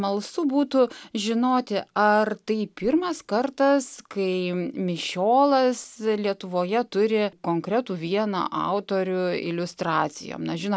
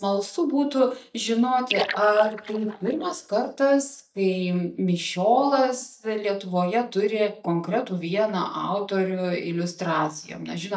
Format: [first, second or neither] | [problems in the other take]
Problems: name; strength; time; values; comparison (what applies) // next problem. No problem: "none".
first | noise reduction (neural mask model DeepFilterNet 3)